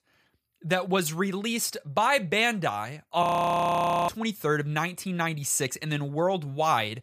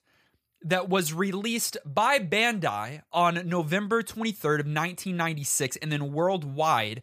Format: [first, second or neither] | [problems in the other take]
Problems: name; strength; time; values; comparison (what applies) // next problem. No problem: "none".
second | audio freezing; at 3 s for 1 s